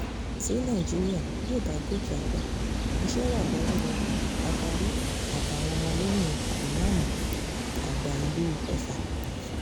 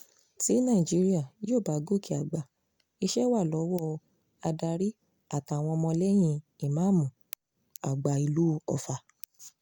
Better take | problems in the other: second | background sound (Train); 3 dB above the speech

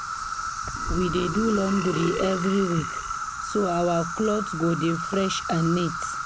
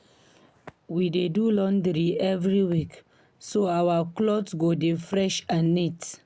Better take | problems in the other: second | background sound (Burping, eructation + Insect); 5 dB below the speech

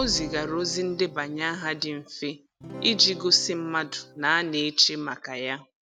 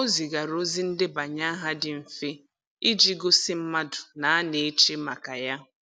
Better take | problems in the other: second | background sound (Acoustic guitar / Strum + Bass drum); 16 dB below the speech

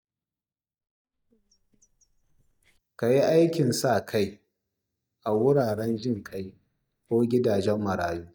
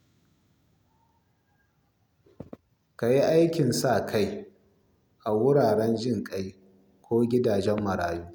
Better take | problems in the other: second | noise reduction (neural mask model DeepFilterNet 3)

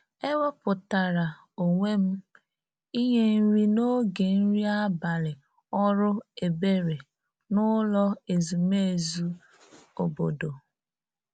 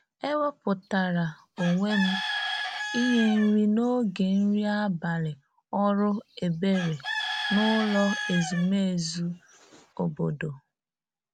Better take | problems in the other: first | background sound (Bird / Chicken, rooster); 8 dB below the speech

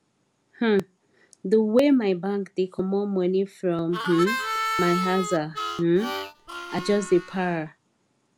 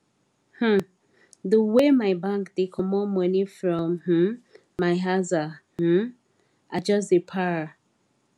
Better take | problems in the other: second | background sound (Harmonica); 6 dB below the speech

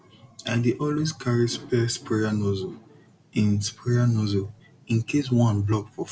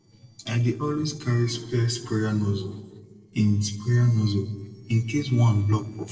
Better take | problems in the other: first | noise reduction (neural separator model SepFormer DNS4)

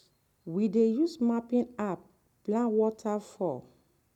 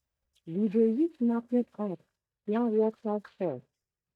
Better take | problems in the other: first | noise reduction (neural mask model DeepFilterNet 3)

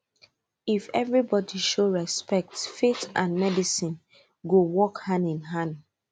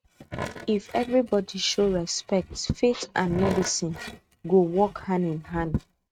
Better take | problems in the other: first | noise reduction (neural mask model RNNoise)

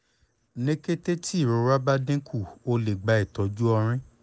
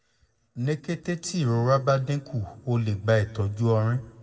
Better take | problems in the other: first | room echo; dies away in 1 s

